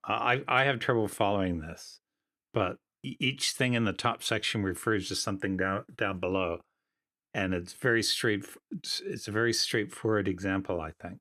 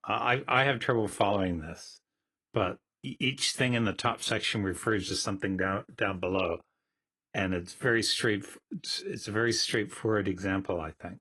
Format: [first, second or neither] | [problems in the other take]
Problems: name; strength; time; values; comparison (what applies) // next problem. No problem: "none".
first | garbled, watery; slightly; nothing above 11.5 kHz